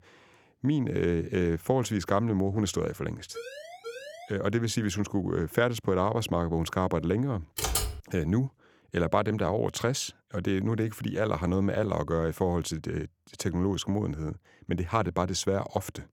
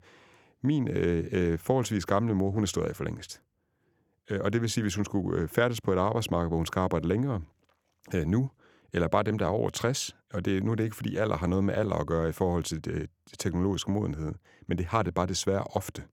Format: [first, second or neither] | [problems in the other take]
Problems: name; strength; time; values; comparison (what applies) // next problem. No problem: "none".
second | siren; faint; at 3.5 s; peak 10 dB below the speech // keyboard typing; loud; at 7.5 s; peak 1 dB above the speech